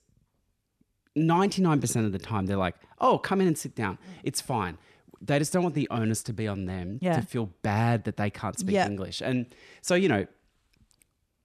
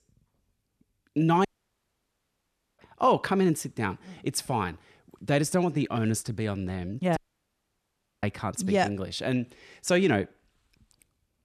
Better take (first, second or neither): first